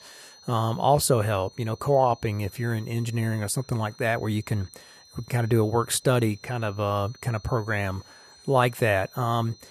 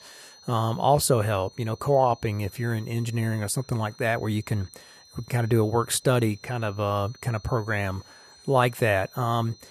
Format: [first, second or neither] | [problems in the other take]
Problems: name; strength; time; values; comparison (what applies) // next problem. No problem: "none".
neither | high-pitched whine; faint; throughout; 4 kHz, 25 dB below the speech; the same in both